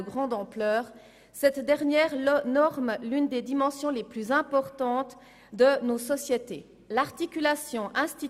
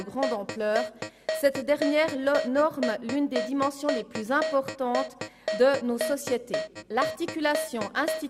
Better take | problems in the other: first | background sound (Keyboard (musical)); 6 dB below the speech

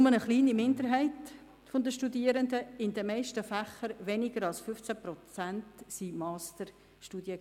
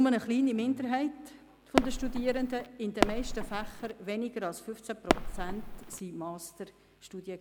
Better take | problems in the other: first | background sound (Fireworks); 2 dB above the speech

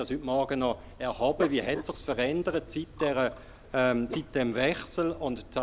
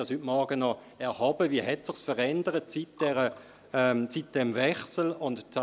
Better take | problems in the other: second | background sound (Dog); 14 dB below the speech

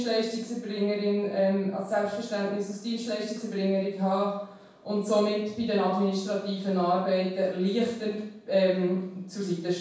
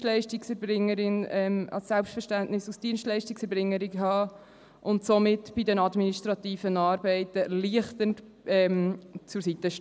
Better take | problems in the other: second | room echo; dies away in 0.6 s

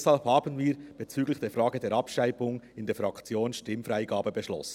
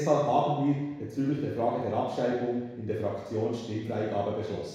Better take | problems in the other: first | room echo; dies away in 1.1 s

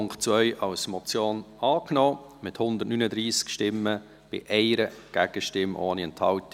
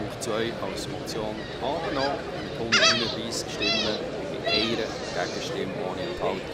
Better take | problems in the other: first | background sound (Crowd + Gull, seagull); 4 dB above the speech

